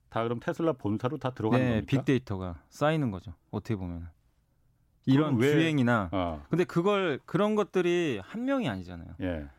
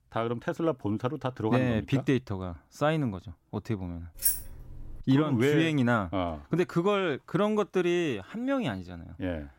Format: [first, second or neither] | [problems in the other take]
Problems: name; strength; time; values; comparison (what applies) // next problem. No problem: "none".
first | jangling keys; loud; at 4 s; peak 2 dB above the speech